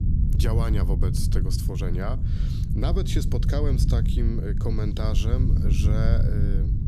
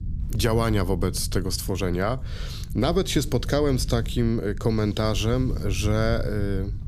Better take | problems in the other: second | low rumble; loud; throughout; 4 dB below the speech; faint in the second

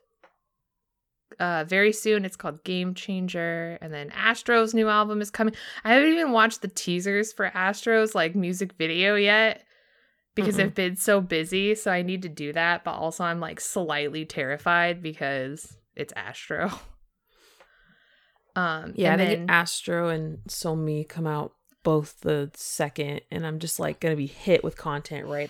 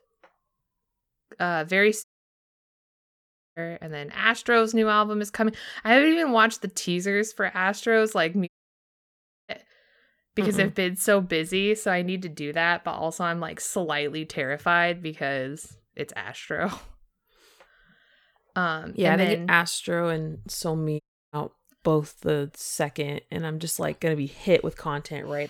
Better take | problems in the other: first | audio cutting out; at 2 s for 1.5 s, at 8.5 s for 1 s and at 21 s

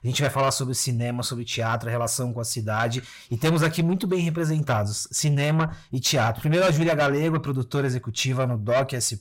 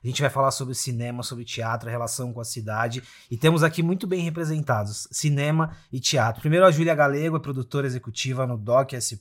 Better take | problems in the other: second | distortion; heavy; 8 dB below the speech

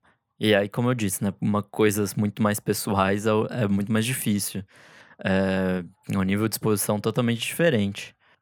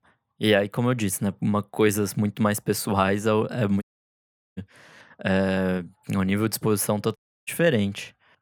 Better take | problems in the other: first | audio cutting out; at 4 s for 0.5 s and at 7 s

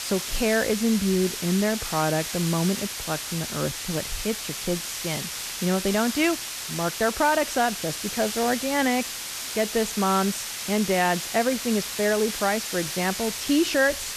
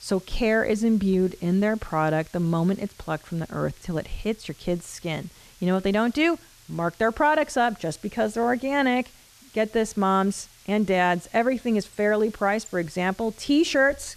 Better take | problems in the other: second | hiss; loud; throughout; 5 dB below the speech; faint in the second

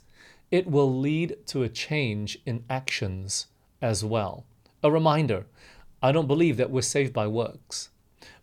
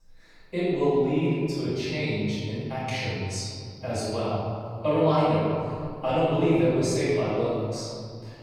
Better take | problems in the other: first | room echo; strong; dies away in 2.2 s // off-mic speech; far

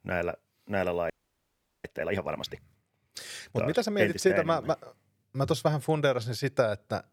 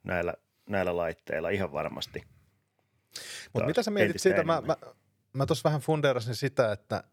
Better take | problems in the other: second | audio freezing; at 1 s for 0.5 s

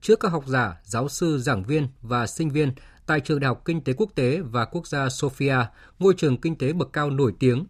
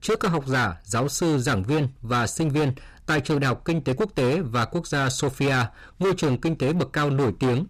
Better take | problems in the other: first | distortion; heavy; 20% of the sound clipped

